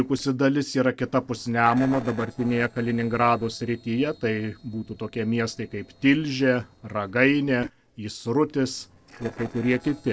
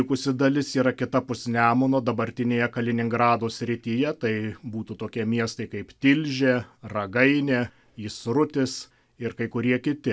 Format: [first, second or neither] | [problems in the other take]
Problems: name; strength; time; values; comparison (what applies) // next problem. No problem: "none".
second | noise reduction (neural separator model SepFormer DNS4)